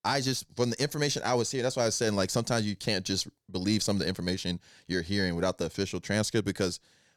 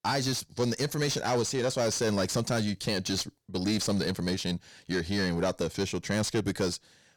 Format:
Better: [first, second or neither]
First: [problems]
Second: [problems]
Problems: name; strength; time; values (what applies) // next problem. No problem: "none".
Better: first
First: none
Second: distortion; slight; 10 dB below the speech